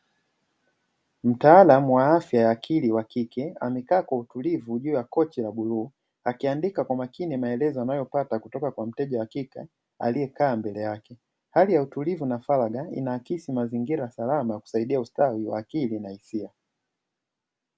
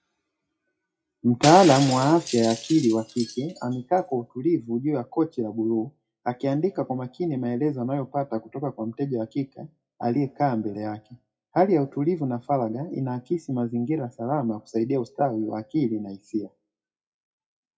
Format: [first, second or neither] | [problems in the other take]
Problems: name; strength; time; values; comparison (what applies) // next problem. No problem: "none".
first | noise reduction (classical method WPE with log-MMSE)